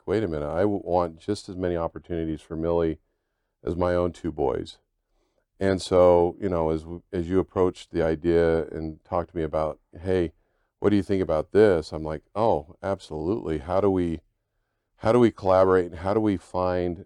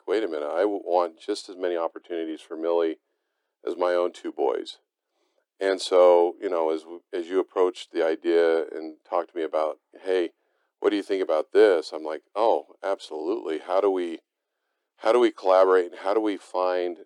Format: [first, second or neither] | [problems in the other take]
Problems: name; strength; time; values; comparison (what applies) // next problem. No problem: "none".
first | thin; somewhat; fading below 300 Hz